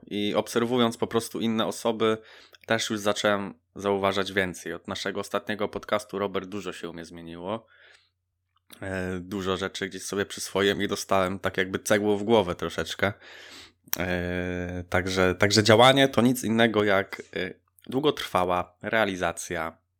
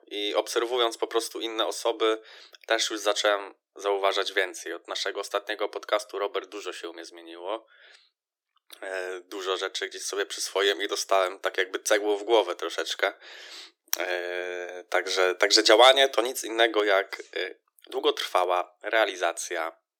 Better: first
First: none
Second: thin; very; fading below 350 Hz

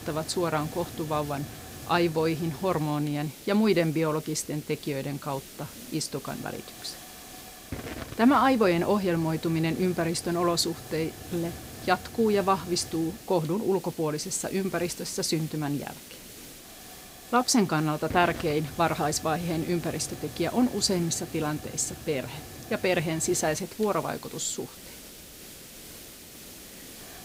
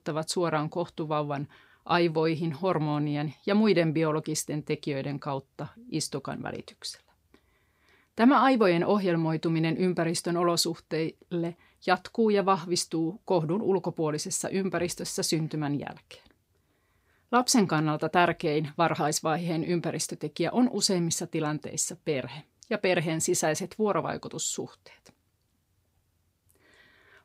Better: second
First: hiss; noticeable; throughout; 15 dB below the speech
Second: none

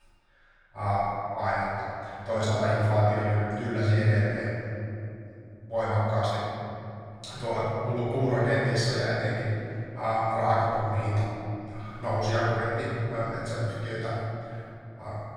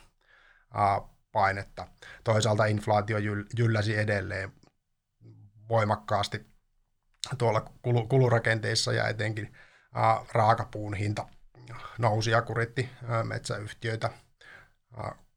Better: second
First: off-mic speech; far // room echo; strong; dies away in 2.9 s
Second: none

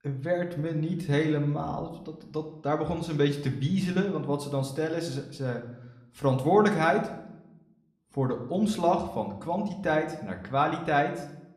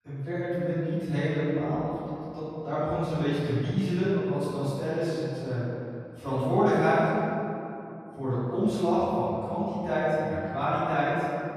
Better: first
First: room echo; slight; dies away in 0.6 s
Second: room echo; strong; dies away in 2.5 s // off-mic speech; far

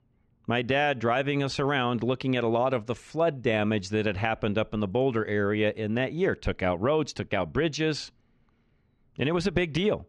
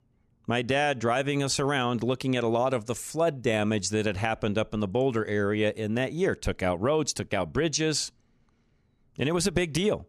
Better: second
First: muffled; slightly; fading above 3 kHz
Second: none

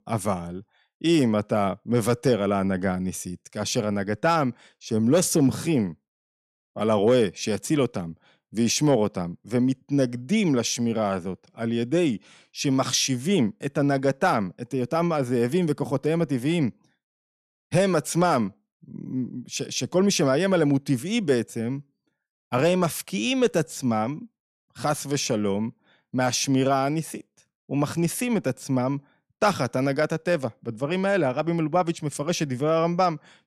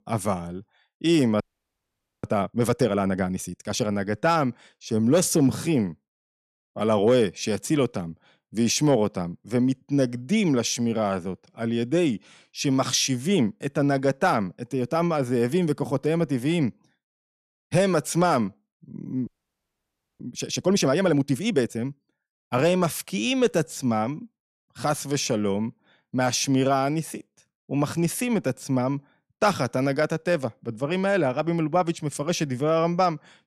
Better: first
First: none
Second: audio freezing; at 1.5 s for 1 s and at 19 s for 1 s

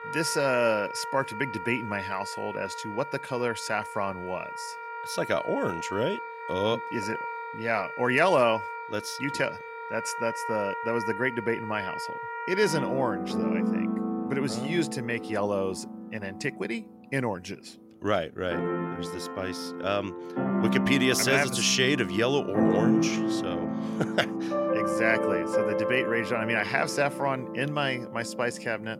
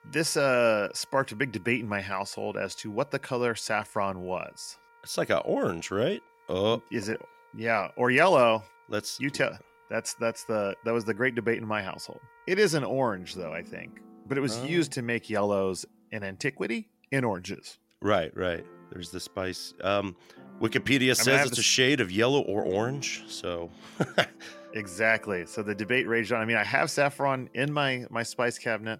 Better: second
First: background music; loud; throughout; 3 dB below the speech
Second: background music; faint; throughout; 25 dB below the speech

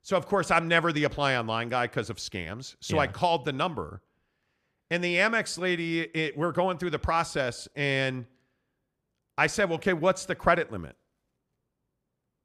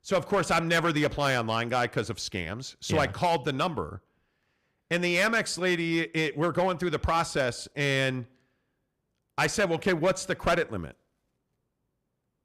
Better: first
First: none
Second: distortion; slight; 4% of the sound clipped

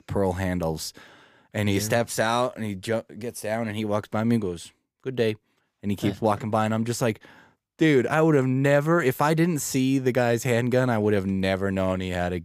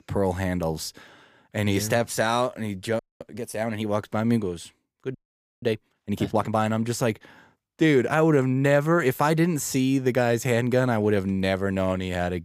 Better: first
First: none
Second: audio freezing; at 3 s and at 5 s

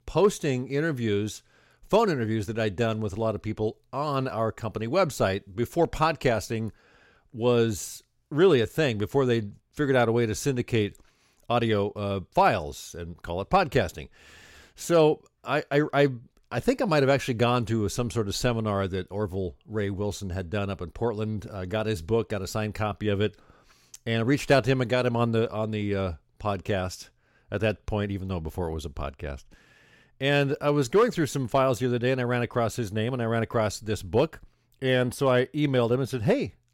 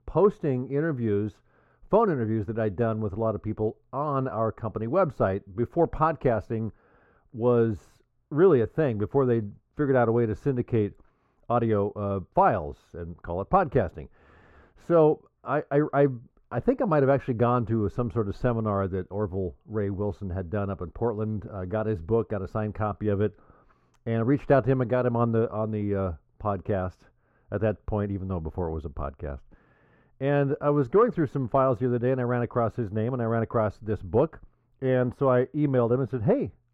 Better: first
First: none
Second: muffled; very; fading above 2.5 kHz

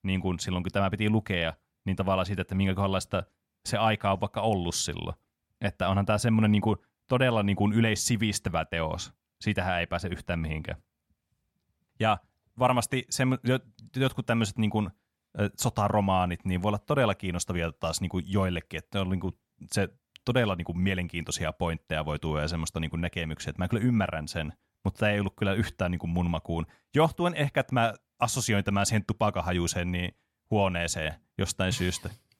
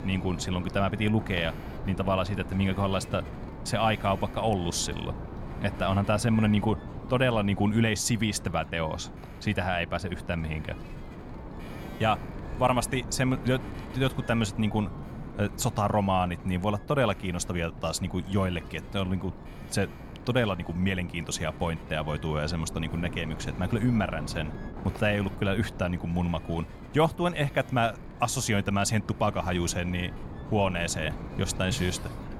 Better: first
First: none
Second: wind noise on the microphone; occasional gusts; 15 dB below the speech

